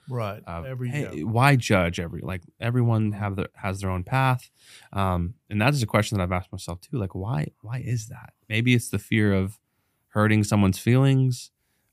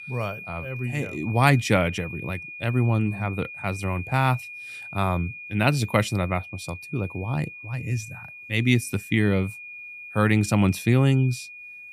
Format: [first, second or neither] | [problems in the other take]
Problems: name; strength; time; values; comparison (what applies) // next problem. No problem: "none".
first | high-pitched whine; noticeable; throughout; 2.5 kHz, 15 dB below the speech